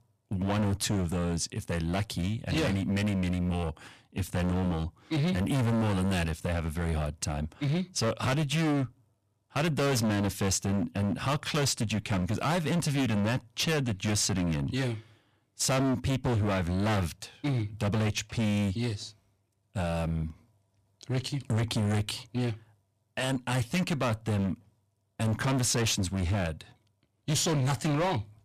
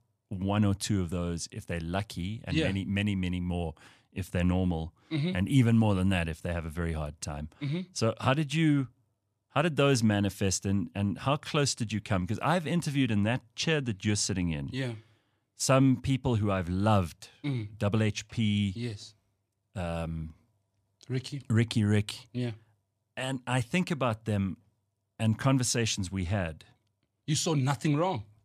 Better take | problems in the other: second | distortion; heavy; 22% of the sound clipped

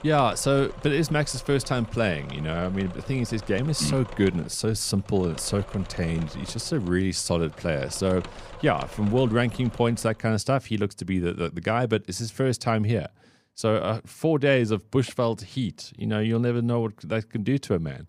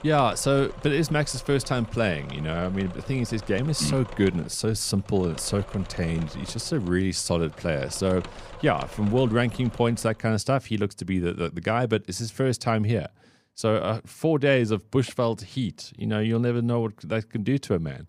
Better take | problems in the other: neither | machinery noise; noticeable; until 10 s; 20 dB below the speech; the same in both

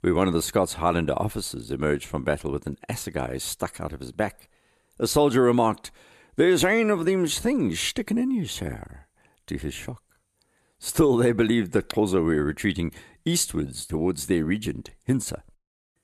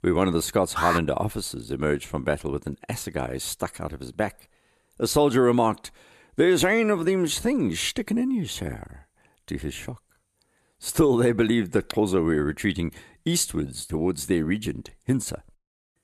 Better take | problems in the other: first | alarm; noticeable; at 1 s; peak 2 dB below the speech

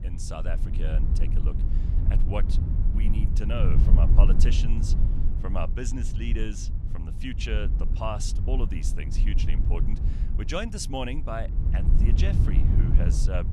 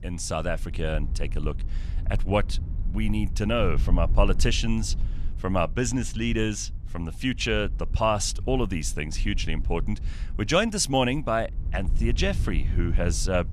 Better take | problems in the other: second | low rumble; loud; throughout; 6 dB below the speech; faint in the second

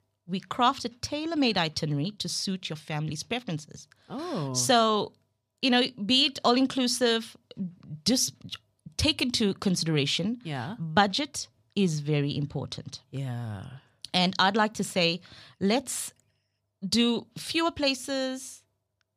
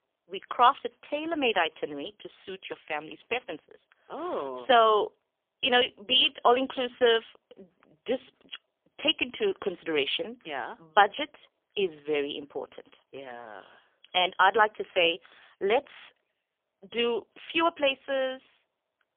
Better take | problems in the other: first | phone-call audio; poor line; nothing above 3.5 kHz

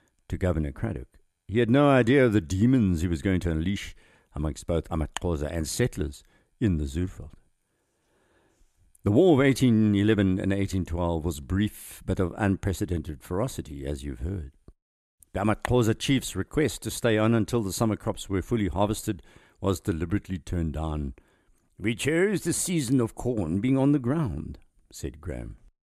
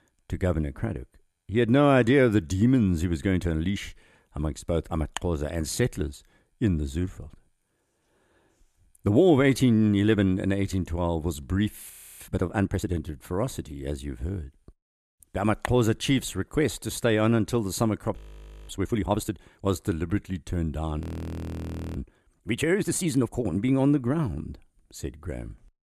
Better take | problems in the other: first | audio freezing; at 12 s, at 18 s for 0.5 s and at 21 s for 1 s

